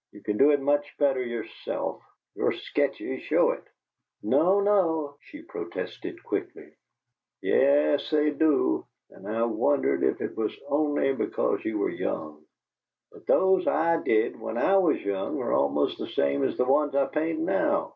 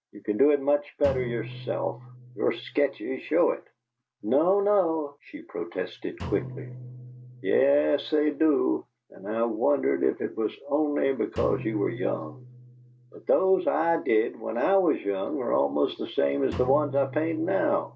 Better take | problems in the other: first | background sound (Drum); 16 dB below the speech

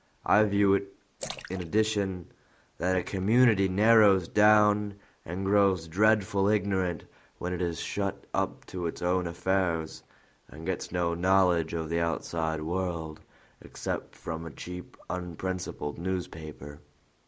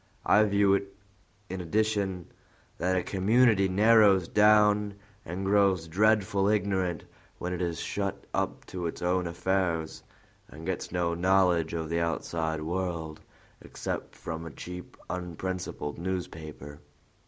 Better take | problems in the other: second | noise reduction (neural mask model Resemble Enhance denoiser)

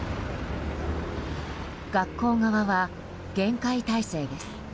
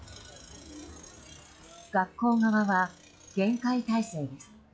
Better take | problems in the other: first | noise reduction (classical method log-MMSE)

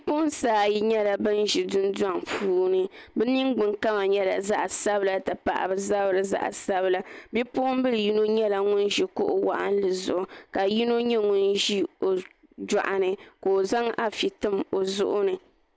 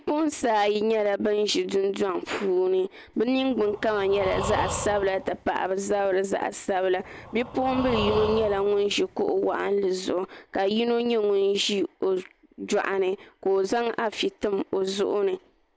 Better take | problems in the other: first | background sound (Breathing); 10 dB below the speech

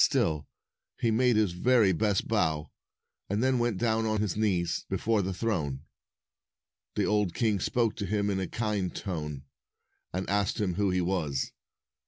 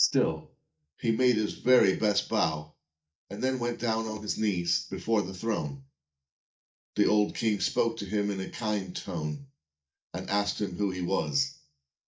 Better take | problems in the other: first | noise reduction (neural mask model DeepFilterNet 3)

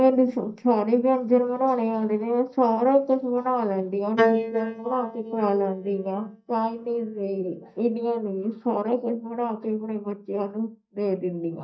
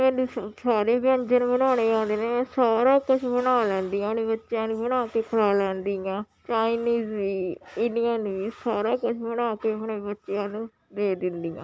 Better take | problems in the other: second | noise reduction (neural mask model DeepFilterNet 3)

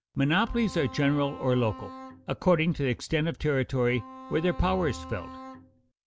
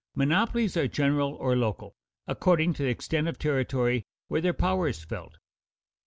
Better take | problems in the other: second | background sound (Bowed string instrument); 16 dB below the speech

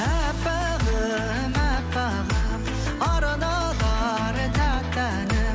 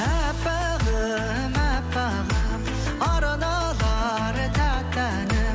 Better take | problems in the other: second | background sound (Electric guitar); 14 dB below the speech

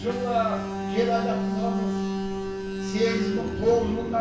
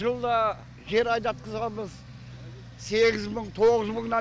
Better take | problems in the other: second | background sound (Alarm); 2 dB below the speech // room echo; dies away in 0.7 s

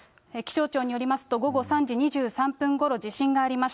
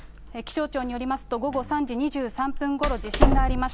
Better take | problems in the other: first | background sound (Door); as loud as the speech

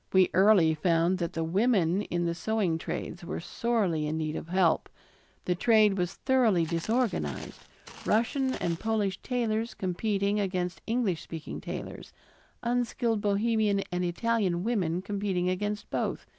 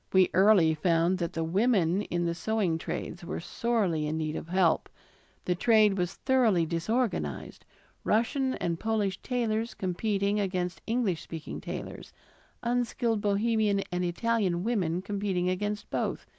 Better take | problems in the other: second | background sound (Walk, footsteps); 19 dB below the speech

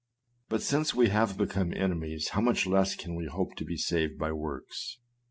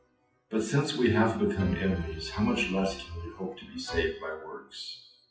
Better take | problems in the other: first | noise reduction (classical method WPE with log-MMSE)

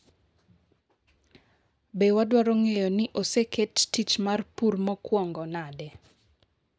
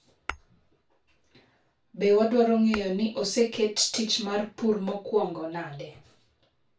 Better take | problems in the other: first | background sound (Tap / Glass); 17 dB below the speech // room echo; dies away in 0.2 s

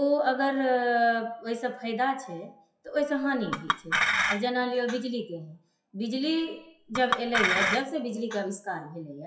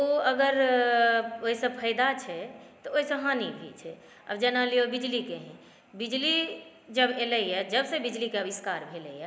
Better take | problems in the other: second | noise reduction (classical method WPE with log-MMSE)

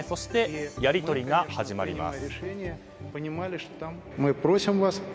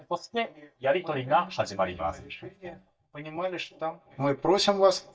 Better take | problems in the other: first | noise reduction (neural mask model DeepFilterNet 3)

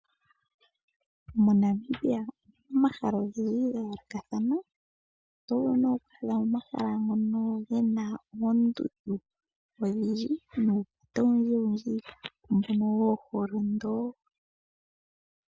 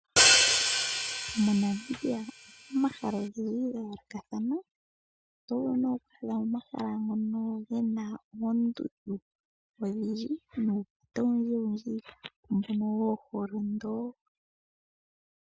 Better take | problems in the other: first | background sound (Hi-hat); 5 dB above the speech

